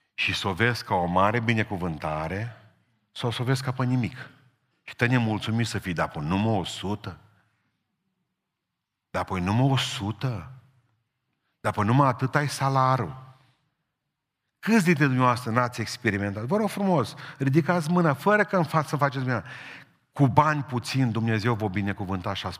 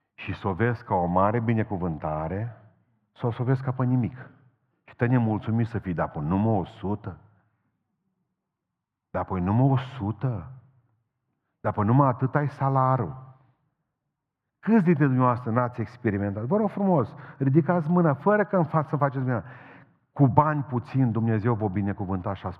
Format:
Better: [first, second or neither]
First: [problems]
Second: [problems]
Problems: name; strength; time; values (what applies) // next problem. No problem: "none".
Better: first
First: none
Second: muffled; very; fading above 2.5 kHz